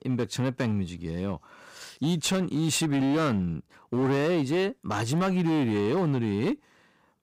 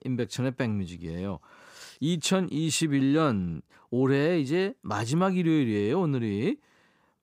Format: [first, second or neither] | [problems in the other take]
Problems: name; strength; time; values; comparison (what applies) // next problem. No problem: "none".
second | distortion; slight; 17% of the sound clipped